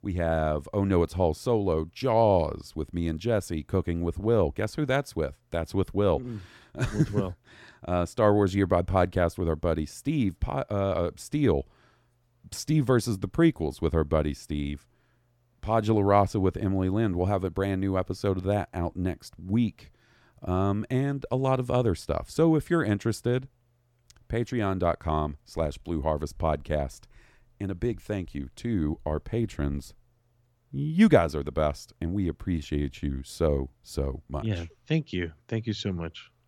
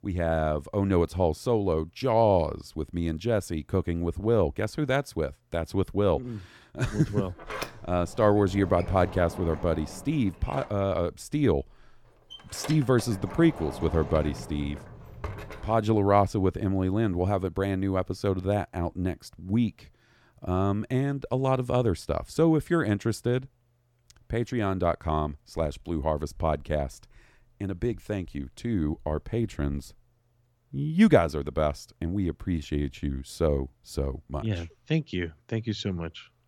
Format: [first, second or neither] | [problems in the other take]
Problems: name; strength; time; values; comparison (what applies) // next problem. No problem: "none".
first | door banging; noticeable; from 7 to 16 s; peak 8 dB below the speech